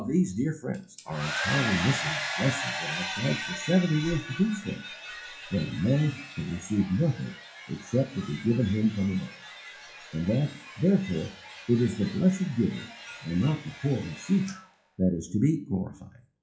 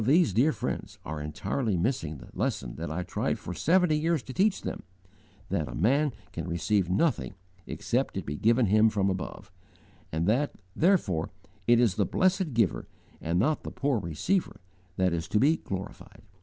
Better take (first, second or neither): second